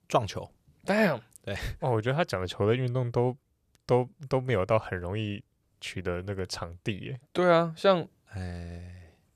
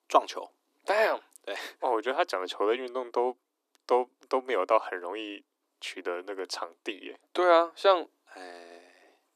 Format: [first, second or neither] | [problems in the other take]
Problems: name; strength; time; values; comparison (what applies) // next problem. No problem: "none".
first | thin; very; fading below 250 Hz